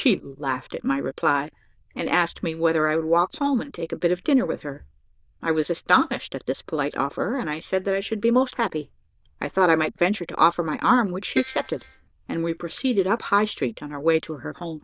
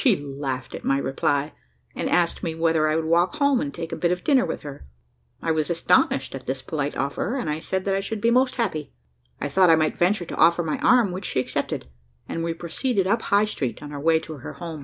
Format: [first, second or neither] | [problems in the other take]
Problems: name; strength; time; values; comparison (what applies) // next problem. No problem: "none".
second | noise reduction (neural diffusion model UNIVERSE++)